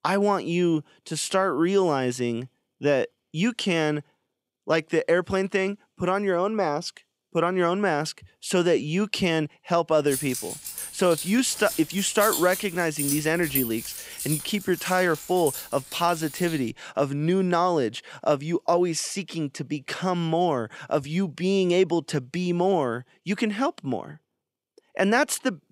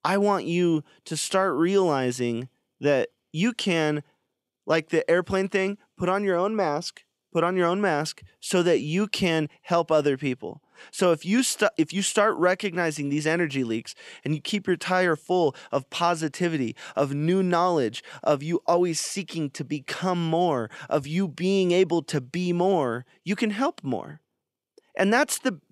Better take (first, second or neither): second